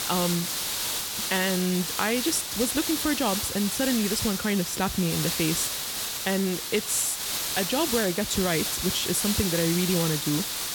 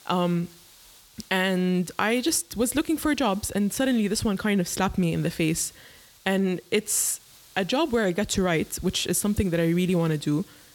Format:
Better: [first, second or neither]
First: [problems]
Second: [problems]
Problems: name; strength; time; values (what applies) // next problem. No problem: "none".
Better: second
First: hiss; loud; throughout; 1 dB below the speech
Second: hiss; faint; throughout; 25 dB below the speech